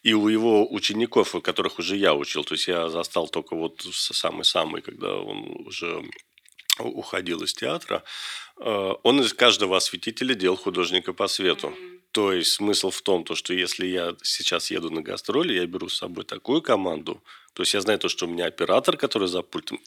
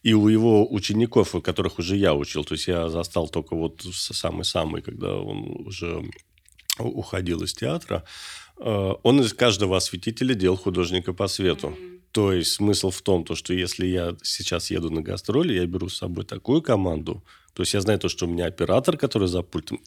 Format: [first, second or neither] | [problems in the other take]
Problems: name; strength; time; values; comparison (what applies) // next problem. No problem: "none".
second | thin; somewhat; fading below 300 Hz